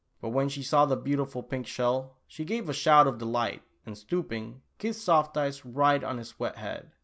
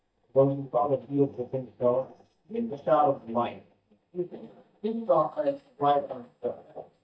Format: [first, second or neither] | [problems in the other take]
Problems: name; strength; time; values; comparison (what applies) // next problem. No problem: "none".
first | noise reduction (neural mask model DeepFilterNet 3)